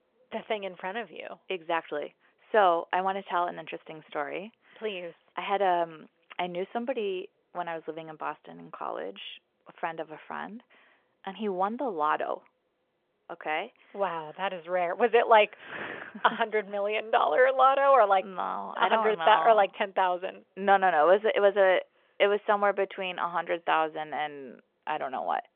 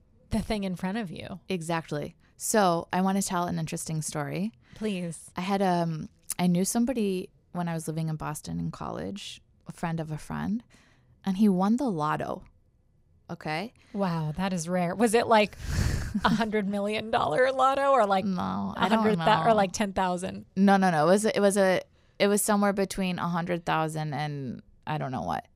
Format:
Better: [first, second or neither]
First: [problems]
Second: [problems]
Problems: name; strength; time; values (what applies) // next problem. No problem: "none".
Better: second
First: phone-call audio; nothing above 3.5 kHz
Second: none